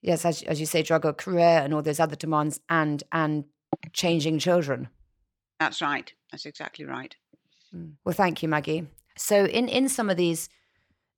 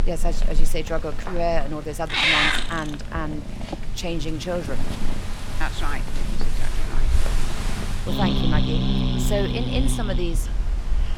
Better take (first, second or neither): first